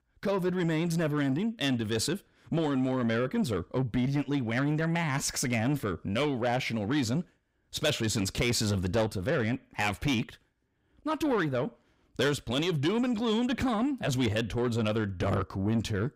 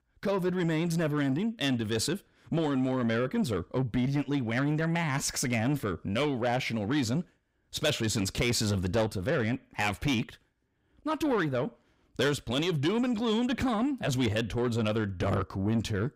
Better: neither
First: distortion; slight; 10 dB below the speech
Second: distortion; slight; 10 dB below the speech

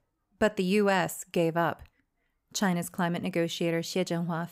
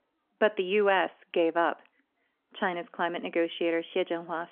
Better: first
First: none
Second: phone-call audio; nothing above 3 kHz

